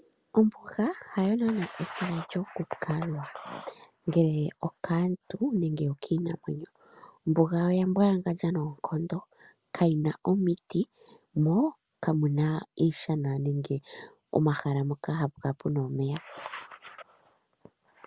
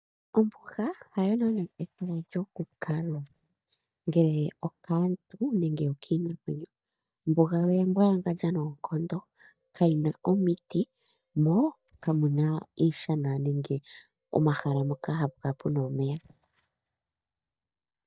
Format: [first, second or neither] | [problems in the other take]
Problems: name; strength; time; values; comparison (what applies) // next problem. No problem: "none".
first | noise reduction (neural mask model DeepFilterNet 3)